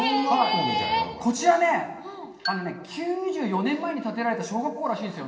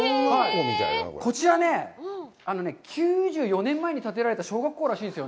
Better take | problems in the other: second | background sound (Marimba, xylophone); 14 dB below the speech // room echo; dies away in 0.9 s

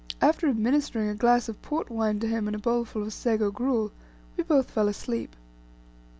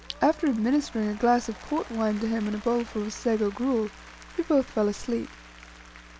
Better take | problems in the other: first | background sound (Applause); 20 dB below the speech

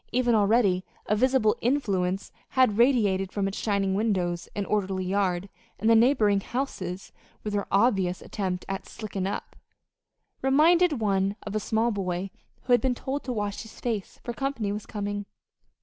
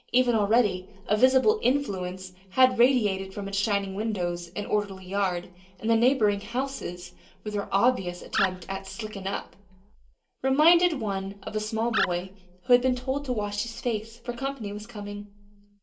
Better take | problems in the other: first | background sound (Animal); 7 dB below the speech // room echo; dies away in 0.2 s

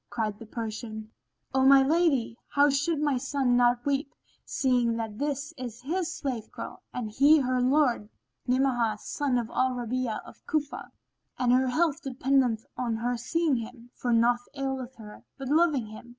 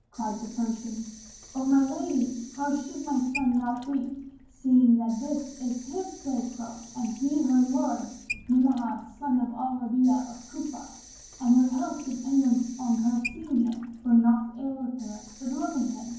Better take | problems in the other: first | background sound (Sink (filling or washing) / Water tap, faucet); 19 dB below the speech // room echo; dies away in 0.9 s

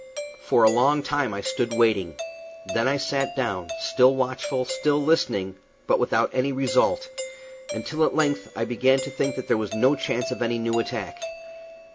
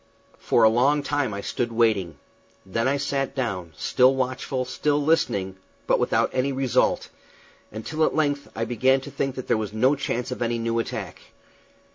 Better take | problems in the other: second | background sound (Doorbell); 12 dB below the speech

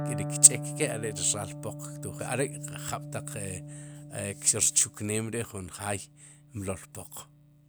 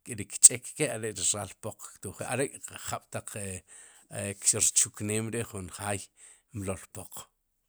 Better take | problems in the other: second | background sound (Electric guitar); 10 dB below the speech

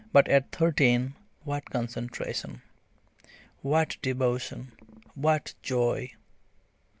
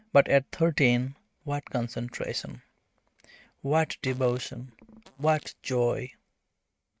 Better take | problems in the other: first | noise reduction (neural mask model RNNoise)

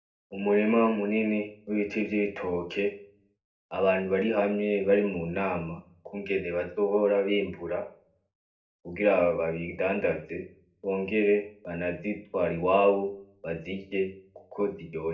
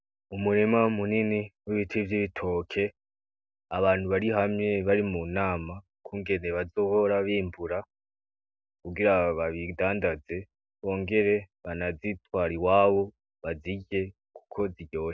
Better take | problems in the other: second | room echo; dies away in 0.4 s

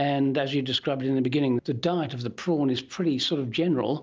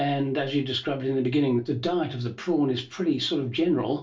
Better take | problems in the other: first | room echo; dies away in 0.2 s

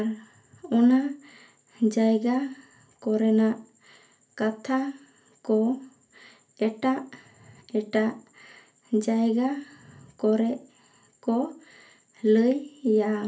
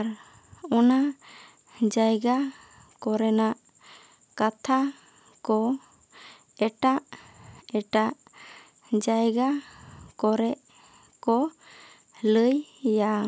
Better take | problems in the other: second | room echo; dies away in 0.3 s

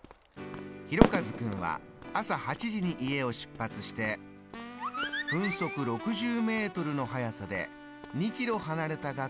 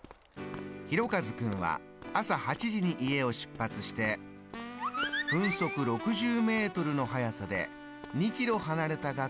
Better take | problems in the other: second | background sound (Fireworks); 2 dB above the speech

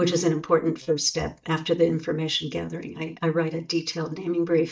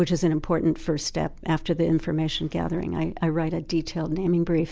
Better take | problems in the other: second | noise reduction (neural mask model DeepFilterNet 3)

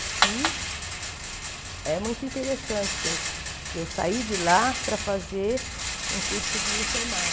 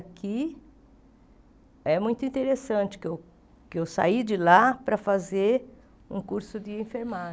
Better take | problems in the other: second | background sound (Rattle); as loud as the speech

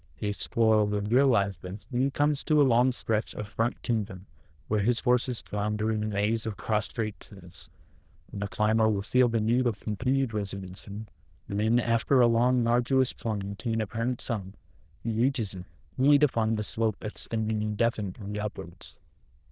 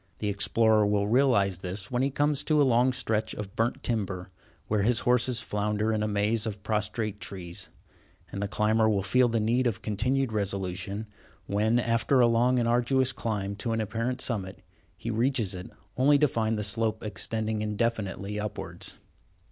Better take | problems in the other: second | noise reduction (neural diffusion model UNIVERSE++)

